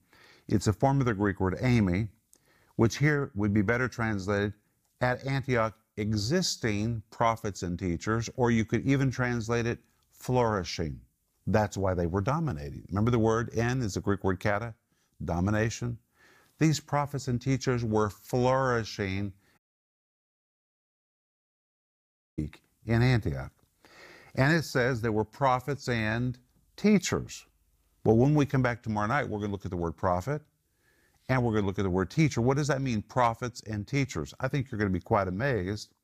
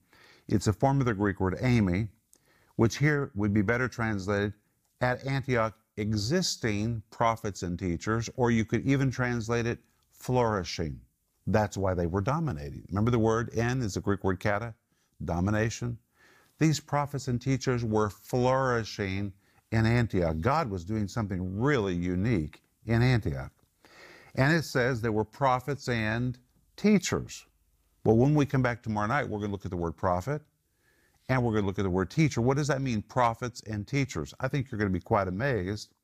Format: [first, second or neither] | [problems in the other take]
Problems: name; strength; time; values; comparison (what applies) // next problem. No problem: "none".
second | audio cutting out; at 20 s for 3 s